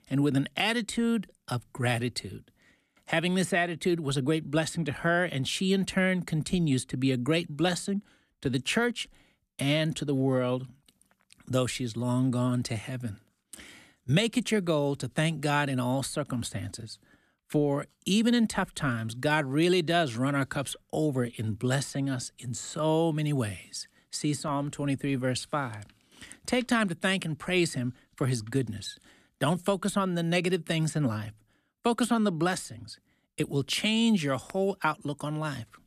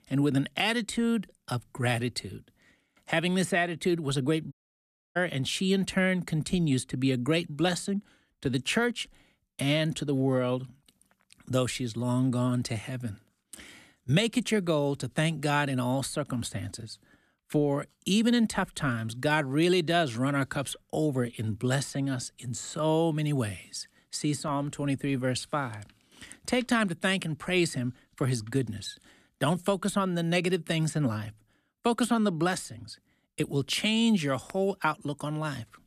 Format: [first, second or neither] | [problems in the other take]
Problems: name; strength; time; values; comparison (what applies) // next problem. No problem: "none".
first | audio cutting out; at 4.5 s for 0.5 s